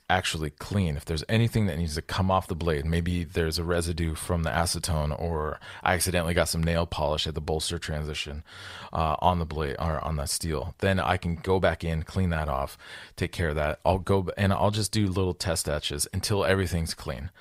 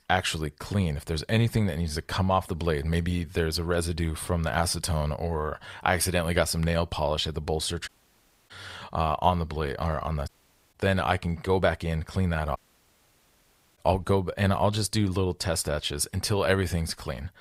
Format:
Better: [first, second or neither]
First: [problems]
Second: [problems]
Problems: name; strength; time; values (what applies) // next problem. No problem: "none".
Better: first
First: none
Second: audio cutting out; at 8 s for 0.5 s, at 10 s and at 13 s for 1 s